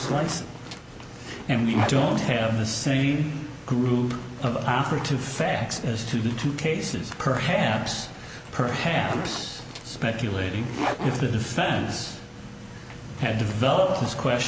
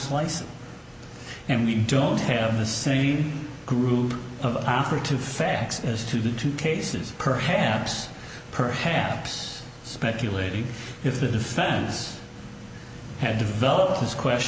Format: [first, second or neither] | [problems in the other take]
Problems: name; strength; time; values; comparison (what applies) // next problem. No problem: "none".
second | background sound (Zipper (clothing)); 12 dB below the speech